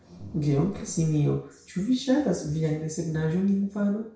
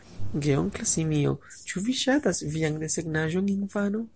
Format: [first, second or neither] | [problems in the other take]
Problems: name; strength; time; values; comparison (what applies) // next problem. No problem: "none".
second | room echo; dies away in 0.6 s